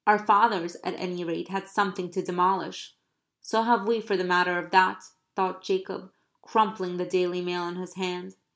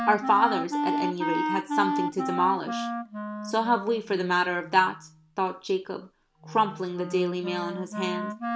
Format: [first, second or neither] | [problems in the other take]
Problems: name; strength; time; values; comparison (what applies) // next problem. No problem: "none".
first | background sound (Wind instrument, woodwind instrument); 5 dB below the speech